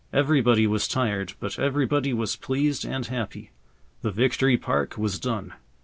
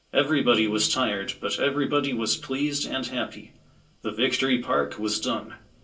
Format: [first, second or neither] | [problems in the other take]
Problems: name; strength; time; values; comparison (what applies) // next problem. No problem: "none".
first | room echo; dies away in 0.2 s